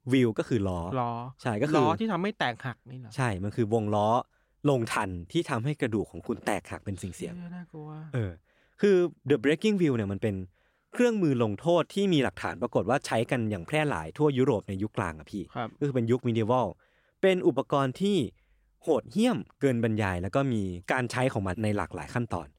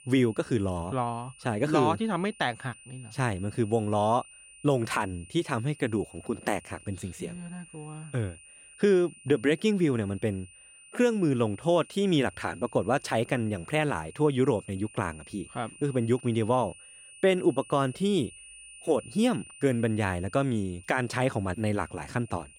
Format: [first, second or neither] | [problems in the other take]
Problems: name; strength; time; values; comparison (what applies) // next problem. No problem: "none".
first | high-pitched whine; faint; throughout; 9 kHz, 20 dB below the speech